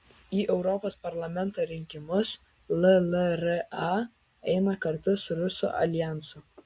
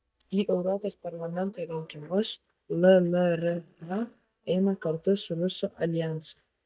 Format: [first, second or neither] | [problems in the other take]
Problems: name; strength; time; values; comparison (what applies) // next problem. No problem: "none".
first | noise reduction (neural mask model DeepFilterNet 3)